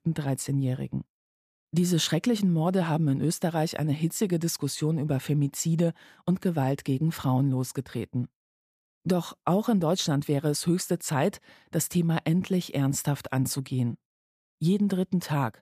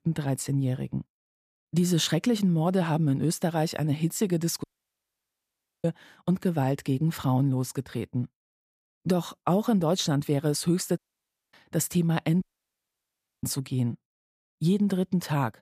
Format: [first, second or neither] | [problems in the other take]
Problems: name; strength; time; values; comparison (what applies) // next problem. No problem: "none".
first | audio cutting out; at 4.5 s for 1 s, at 11 s for 0.5 s and at 12 s for 1 s